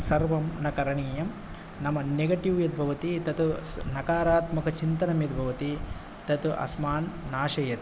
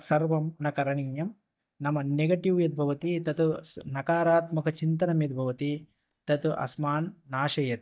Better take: first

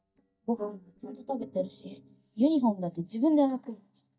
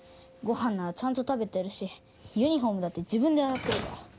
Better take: second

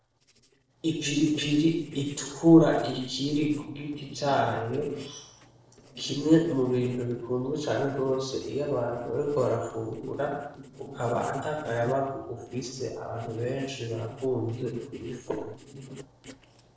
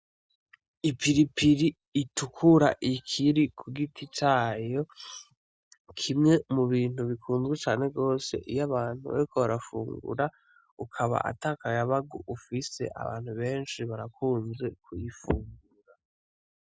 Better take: second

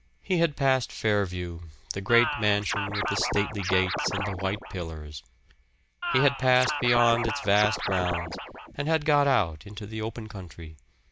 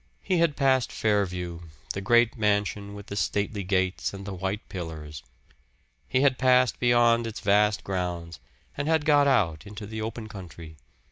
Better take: second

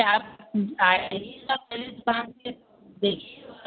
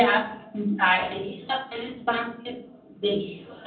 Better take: first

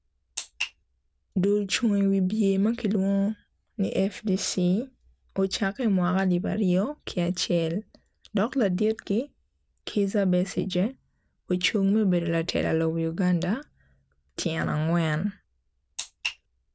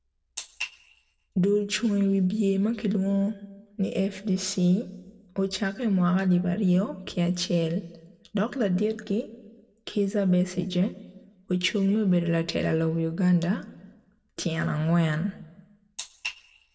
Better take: first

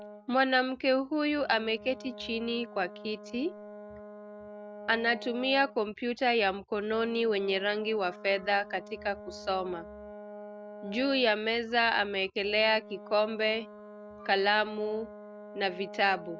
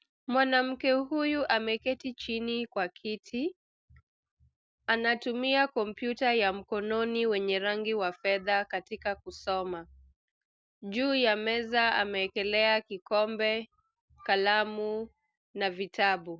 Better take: second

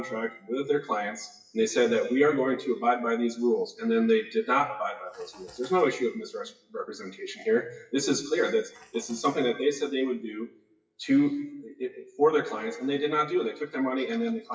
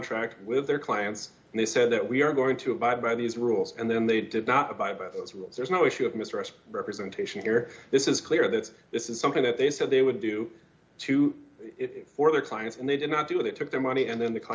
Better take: second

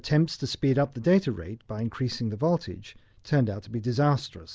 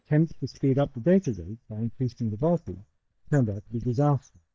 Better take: first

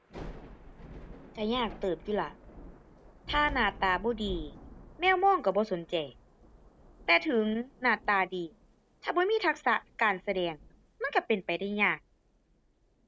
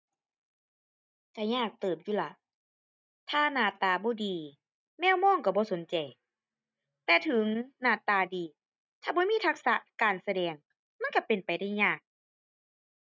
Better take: second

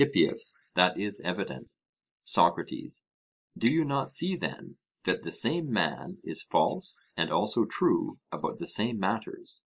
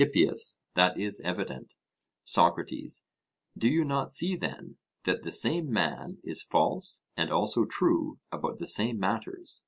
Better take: second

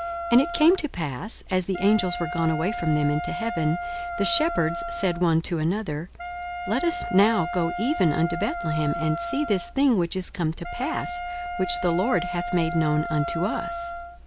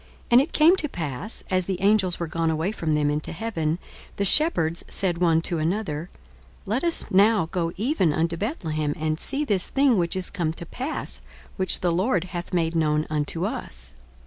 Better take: second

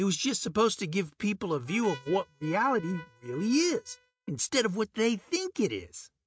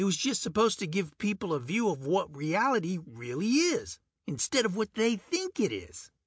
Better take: second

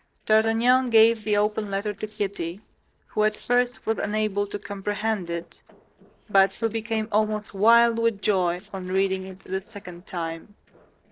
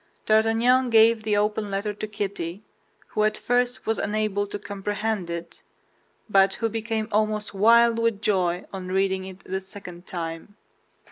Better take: second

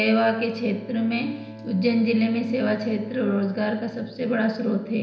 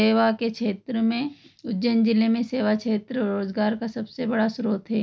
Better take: second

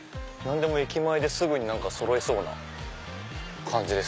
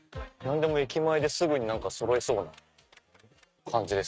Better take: first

